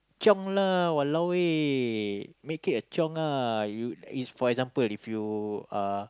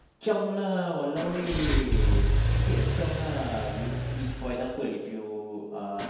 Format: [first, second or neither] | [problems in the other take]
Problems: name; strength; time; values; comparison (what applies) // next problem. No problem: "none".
first | background sound (Engine / Car); 3 dB above the speech // room echo; dies away in 1.2 s